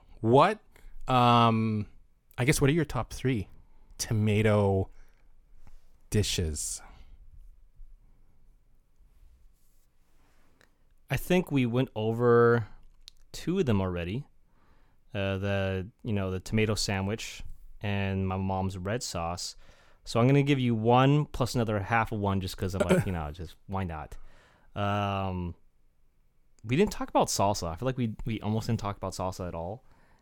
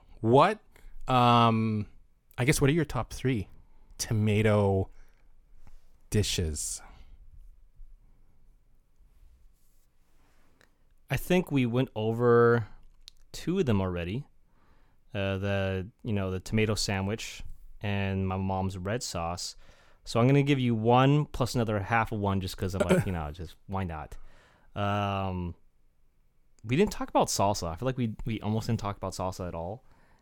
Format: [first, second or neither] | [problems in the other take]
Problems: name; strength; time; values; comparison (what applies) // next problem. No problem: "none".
neither | none